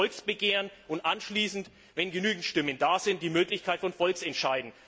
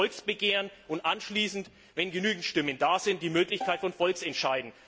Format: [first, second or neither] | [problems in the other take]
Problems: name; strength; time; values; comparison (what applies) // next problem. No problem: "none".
first | background sound (Bowed string instrument); 12 dB below the speech